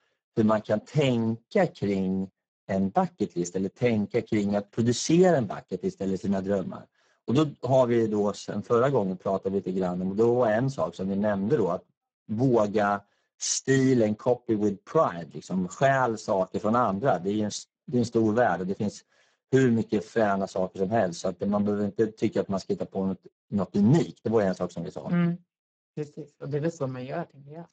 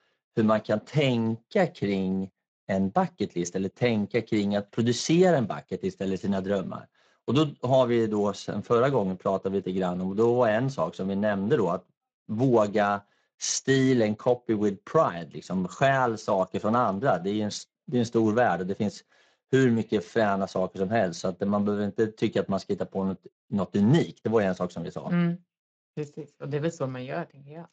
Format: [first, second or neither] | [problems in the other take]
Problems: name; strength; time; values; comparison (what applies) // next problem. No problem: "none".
second | garbled, watery; badly; nothing above 7.5 kHz; slightly in the second